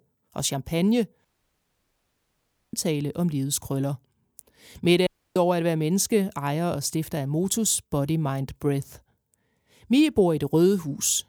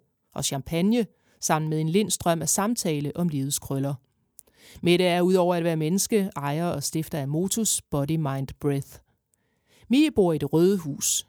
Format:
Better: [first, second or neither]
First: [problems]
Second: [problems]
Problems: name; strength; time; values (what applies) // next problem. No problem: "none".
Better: second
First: audio cutting out; at 1.5 s for 1.5 s and at 5 s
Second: none